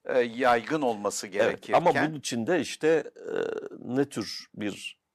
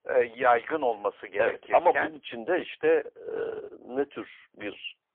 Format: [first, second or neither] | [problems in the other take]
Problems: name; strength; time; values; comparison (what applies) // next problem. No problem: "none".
first | phone-call audio; poor line; nothing above 3.5 kHz